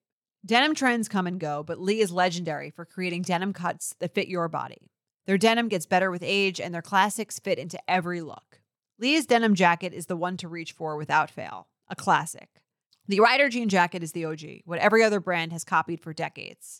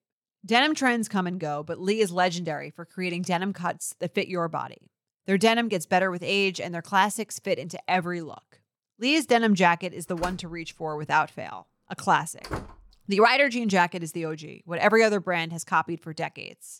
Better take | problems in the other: first | door banging; faint; from 10 to 13 s; peak 10 dB below the speech

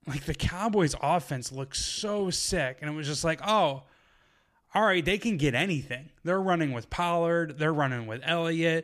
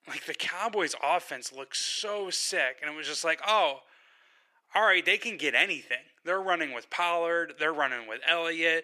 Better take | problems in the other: first | thin; very; fading below 400 Hz

